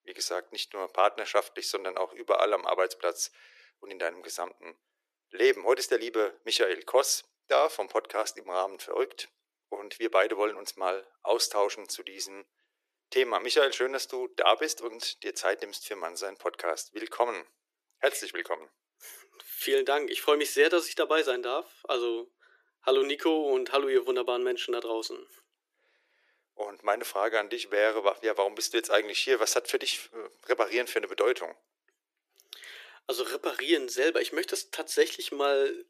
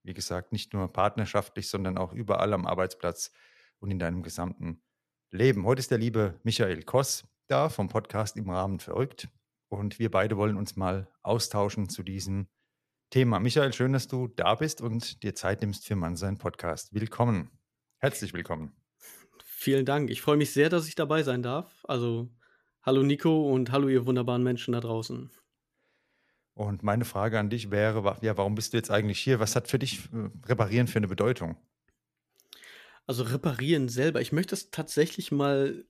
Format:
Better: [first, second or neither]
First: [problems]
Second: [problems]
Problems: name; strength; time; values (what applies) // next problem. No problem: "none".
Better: second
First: thin; very; fading below 350 Hz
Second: none